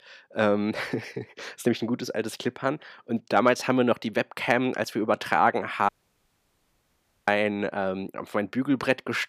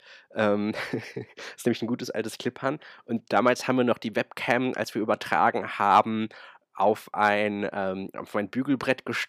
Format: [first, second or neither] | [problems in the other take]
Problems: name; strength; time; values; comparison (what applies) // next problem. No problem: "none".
second | audio cutting out; at 6 s for 1.5 s